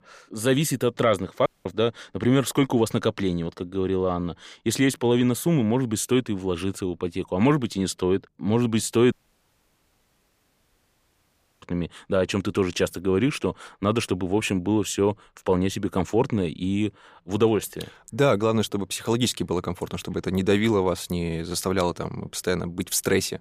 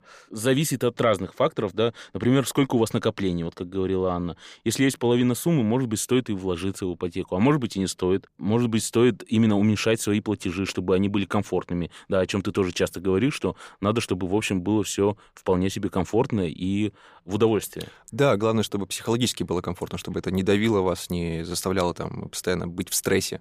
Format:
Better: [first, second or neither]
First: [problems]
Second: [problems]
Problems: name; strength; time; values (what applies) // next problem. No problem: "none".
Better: second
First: audio cutting out; at 1.5 s and at 9 s for 2.5 s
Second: none